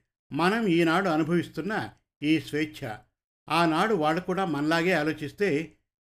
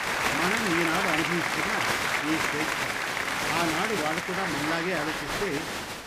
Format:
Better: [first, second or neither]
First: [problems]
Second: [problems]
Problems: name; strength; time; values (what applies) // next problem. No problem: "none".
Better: first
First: none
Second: crowd noise; very loud; throughout; 4 dB above the speech